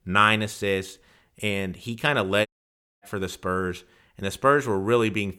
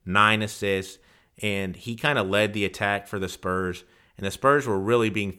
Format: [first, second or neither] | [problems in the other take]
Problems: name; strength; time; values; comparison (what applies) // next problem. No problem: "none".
second | audio cutting out; at 2.5 s for 0.5 s